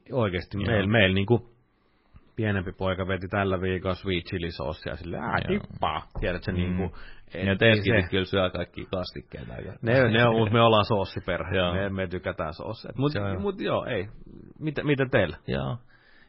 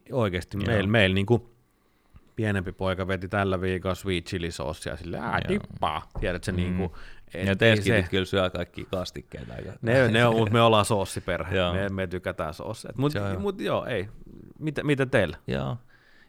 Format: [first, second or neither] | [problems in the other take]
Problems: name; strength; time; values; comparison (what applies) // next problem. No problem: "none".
second | garbled, watery; badly; nothing above 5.5 kHz